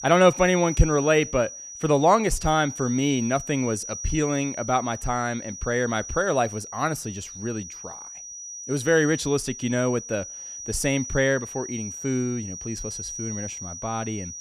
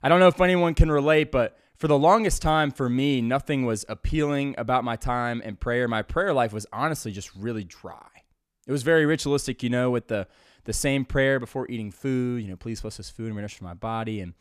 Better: second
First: high-pitched whine; loud; throughout; 6 kHz, 10 dB below the speech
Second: none

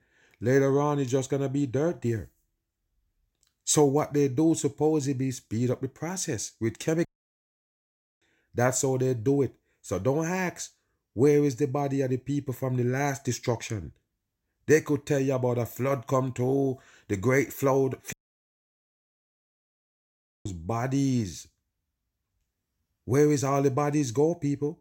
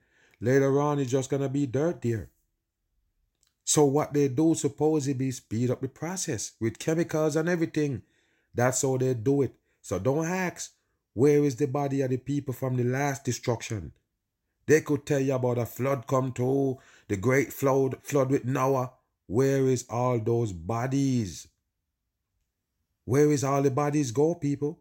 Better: second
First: audio cutting out; at 7 s for 1 s and at 18 s for 2.5 s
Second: none

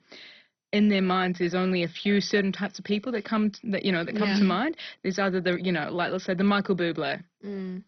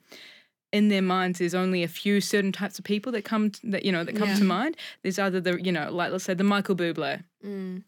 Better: second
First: garbled, watery; badly; nothing above 6 kHz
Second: none

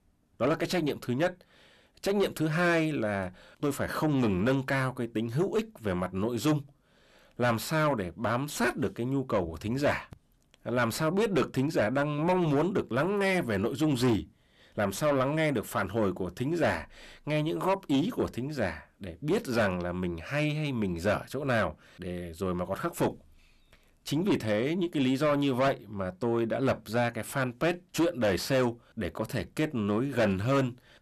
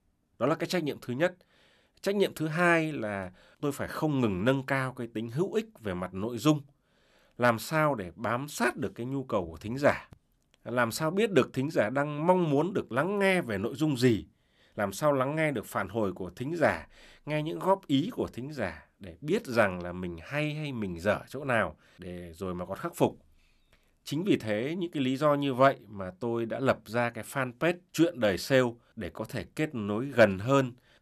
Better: second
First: distortion; heavy; 7 dB below the speech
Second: none

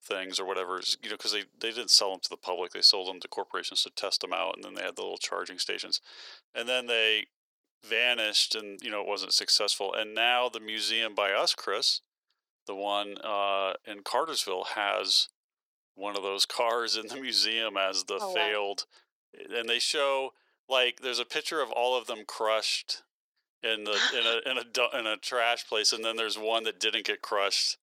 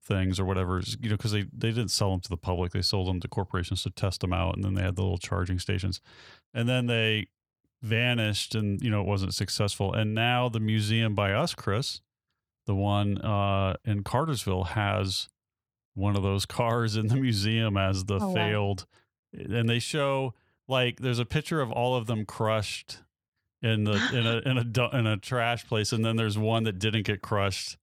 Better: second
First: thin; very; fading below 400 Hz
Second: none

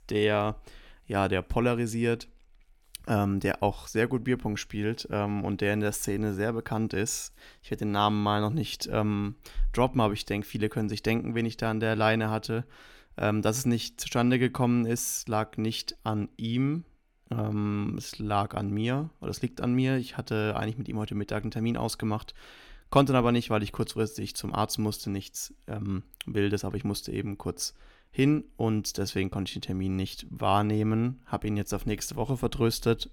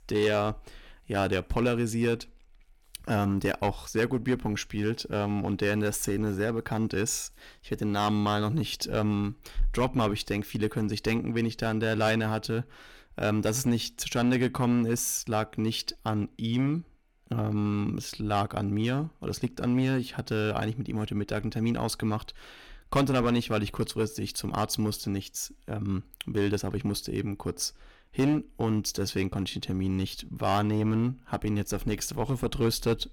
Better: first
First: none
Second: distortion; slight; 4% of the sound clipped

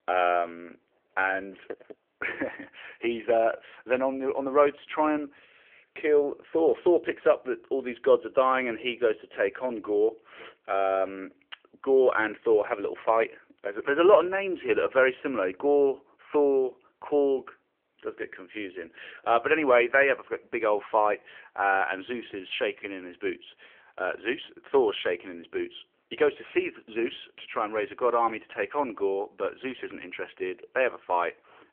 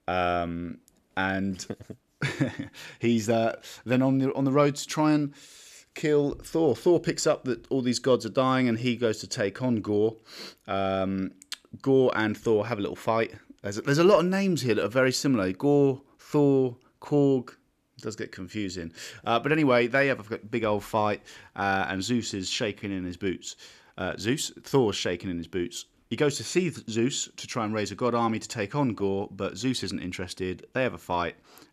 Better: second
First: phone-call audio; nothing above 3.5 kHz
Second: none

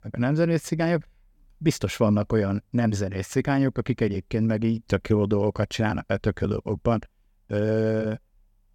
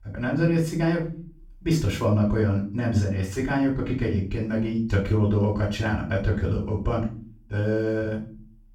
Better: first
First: none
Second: off-mic speech; far // room echo; slight; dies away in 0.4 s

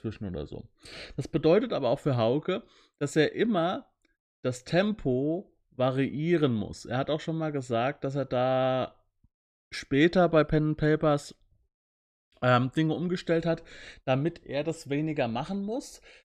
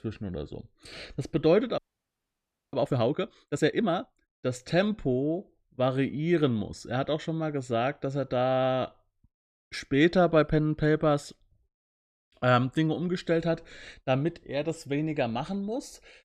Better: first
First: none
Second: audio freezing; at 2 s for 1 s

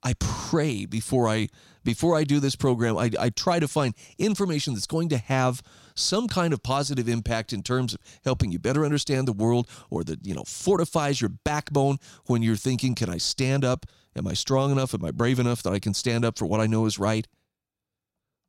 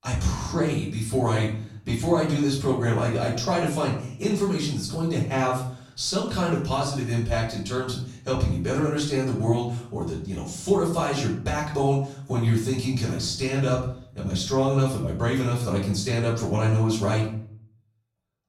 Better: first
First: none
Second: off-mic speech; far // room echo; noticeable; dies away in 0.5 s

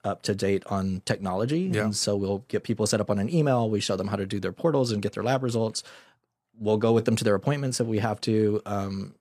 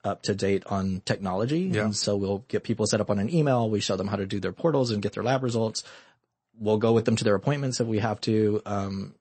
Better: first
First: none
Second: garbled, watery; slightly; nothing above 8 kHz

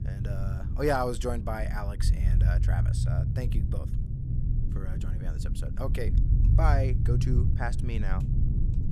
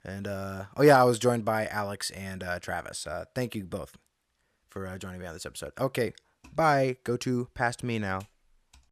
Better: second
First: low rumble; loud; throughout; 9 dB below the speech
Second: none

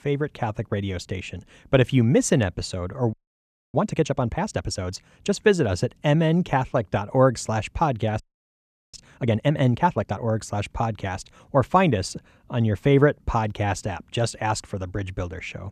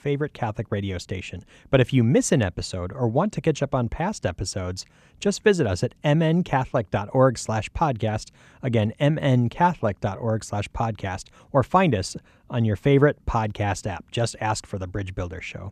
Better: second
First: audio freezing; at 3 s for 0.5 s and at 8 s for 0.5 s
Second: none

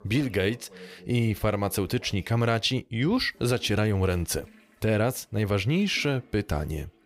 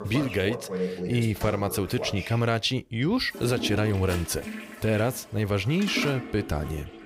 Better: first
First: household noises; faint; throughout; 25 dB below the speech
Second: household noises; loud; throughout; 9 dB below the speech

